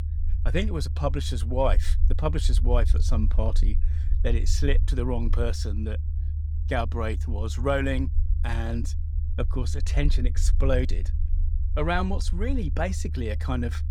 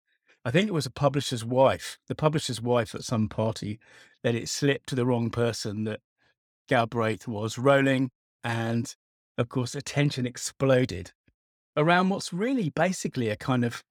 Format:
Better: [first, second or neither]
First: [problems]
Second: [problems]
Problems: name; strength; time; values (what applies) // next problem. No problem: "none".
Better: second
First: low rumble; noticeable; throughout; 15 dB below the speech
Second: none